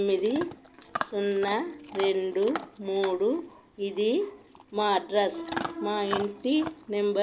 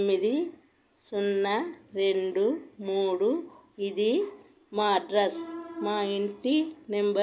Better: second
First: background sound (Chewing, mastication / Dog); 12 dB below the speech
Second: none

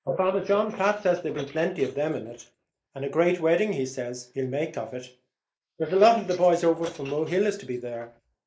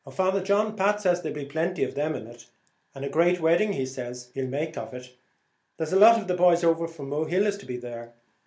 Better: second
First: noise reduction (neural mask model Resemble Enhance denoiser)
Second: none

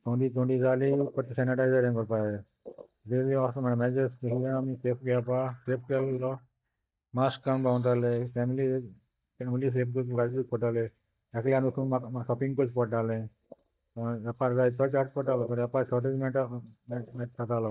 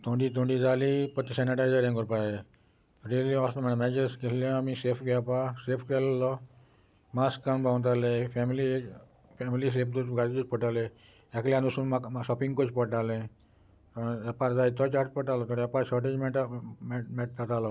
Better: second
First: noise reduction (neural mask model DeepFilterNet 3)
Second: none

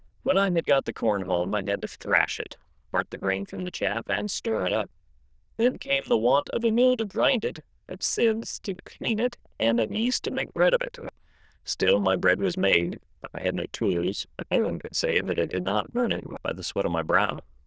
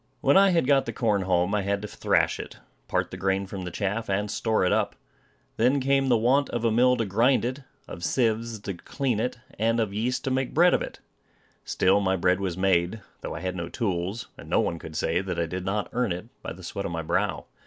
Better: second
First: noise reduction (neural diffusion model UNIVERSE++)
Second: none

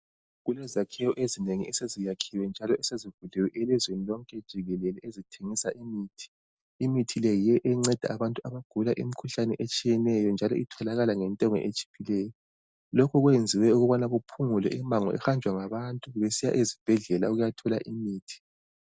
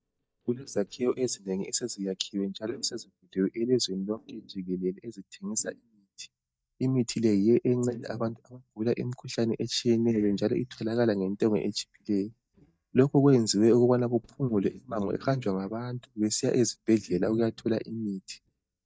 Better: first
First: none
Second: noise reduction (neural mask model DeepFilterNet 3)

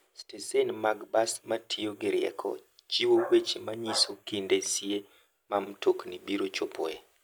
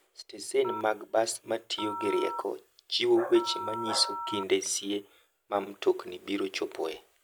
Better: first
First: none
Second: background sound (Telephone); 8 dB below the speech

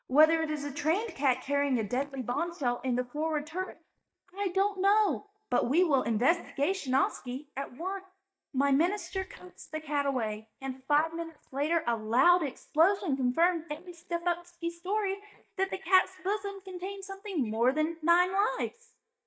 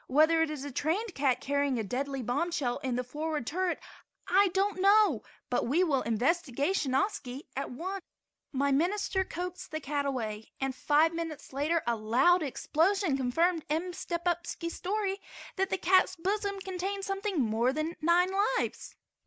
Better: second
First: noise reduction (neural mask model DeepFilterNet 3)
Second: none

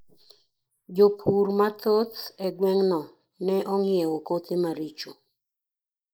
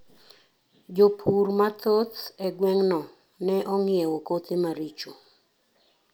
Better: second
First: noise reduction (neural mask model Resemble Enhance denoiser)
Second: none

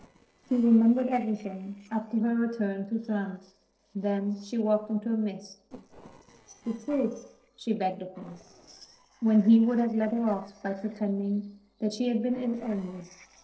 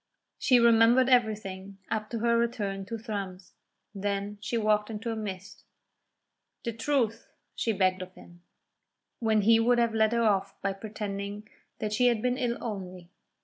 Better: second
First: noise reduction (neural separator model SepFormer DNS4)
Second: none

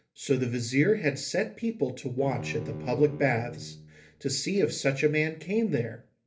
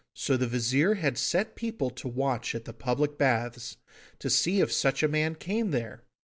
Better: second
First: background sound (Bowed string instrument); 14 dB below the speech // room echo; dies away in 0.3 s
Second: none

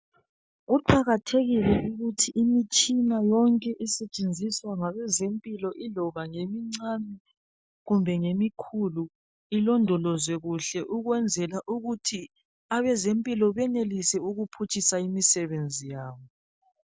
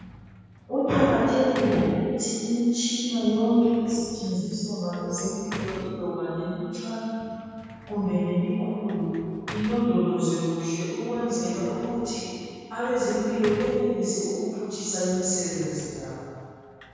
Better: first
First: none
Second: background sound (Sliding door / Slam); 17 dB below the speech // room echo; dies away in 2.2 s

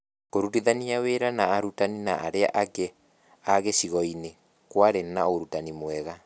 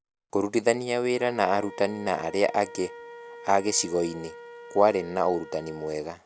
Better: first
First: none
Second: background sound (Wind instrument, woodwind instrument); 17 dB below the speech

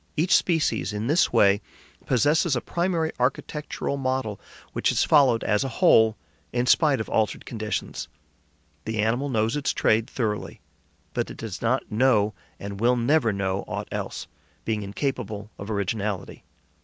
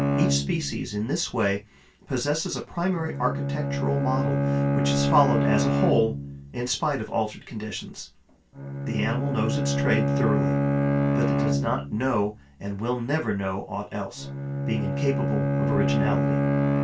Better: first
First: none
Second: background sound (Bowed string instrument); 2 dB above the speech // room echo; dies away in 0.2 s

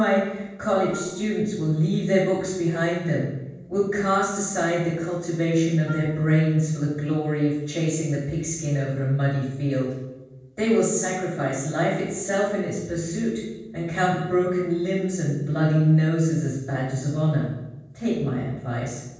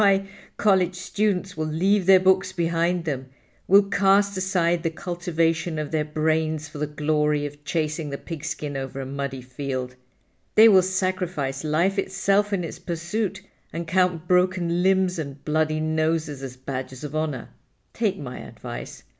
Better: second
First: noise reduction (neural separator model SepFormer DNS4)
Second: none

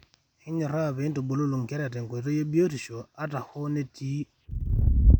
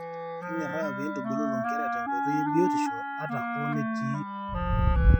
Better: first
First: none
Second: noise reduction (classical method spectral subtraction)

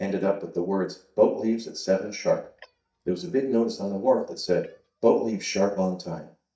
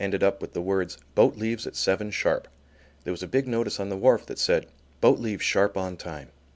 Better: second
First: noise reduction (neural mask model DeepFilterNet 3)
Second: none

